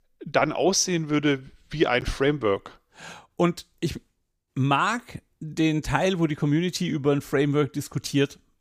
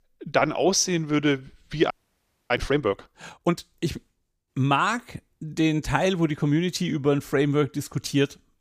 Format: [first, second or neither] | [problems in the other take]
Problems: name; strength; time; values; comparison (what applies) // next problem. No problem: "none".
first | audio freezing; at 2 s for 0.5 s